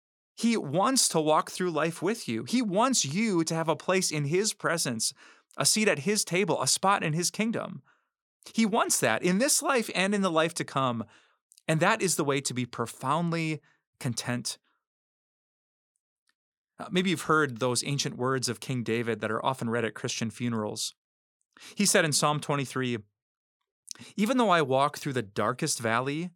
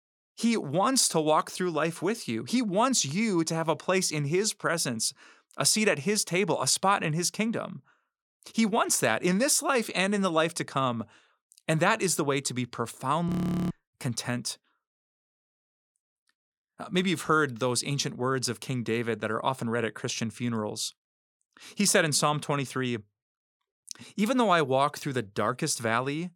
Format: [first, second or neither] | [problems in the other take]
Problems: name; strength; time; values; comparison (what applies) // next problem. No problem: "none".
first | audio freezing; at 13 s